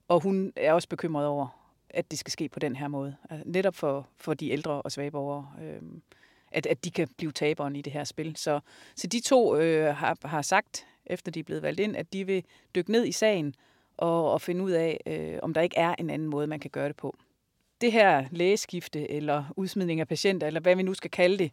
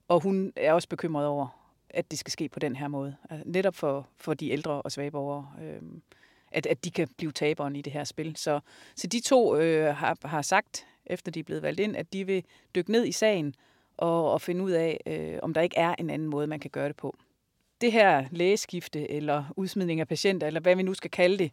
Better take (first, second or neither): neither